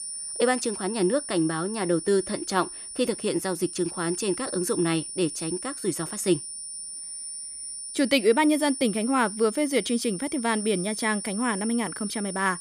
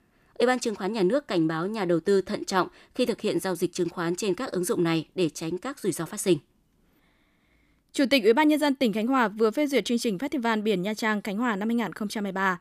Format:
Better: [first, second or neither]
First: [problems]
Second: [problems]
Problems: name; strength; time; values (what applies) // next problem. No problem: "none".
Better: second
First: high-pitched whine; loud; throughout; 9.5 kHz, 7 dB below the speech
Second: none